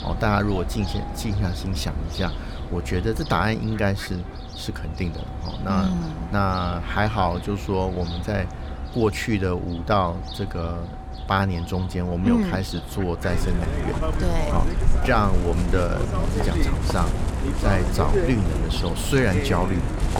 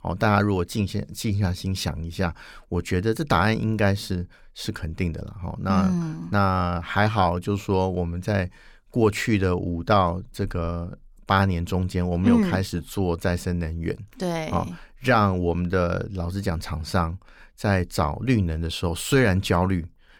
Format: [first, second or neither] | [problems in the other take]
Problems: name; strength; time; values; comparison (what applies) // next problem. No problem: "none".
second | animal sounds; loud; throughout; 4 dB below the speech